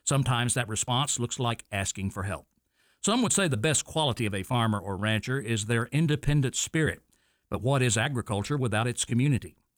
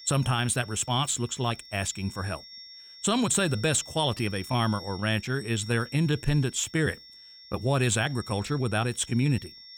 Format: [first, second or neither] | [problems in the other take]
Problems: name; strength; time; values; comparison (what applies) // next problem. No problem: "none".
first | high-pitched whine; noticeable; throughout; 5.5 kHz, 15 dB below the speech